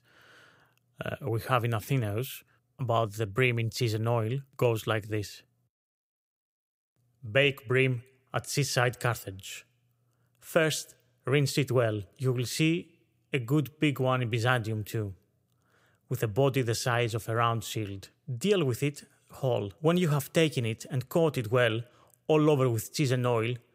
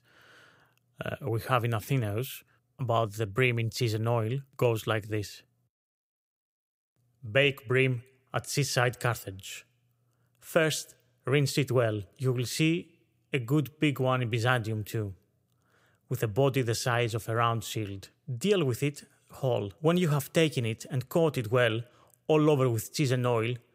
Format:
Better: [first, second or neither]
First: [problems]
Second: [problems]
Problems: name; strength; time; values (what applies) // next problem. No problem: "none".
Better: neither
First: none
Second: none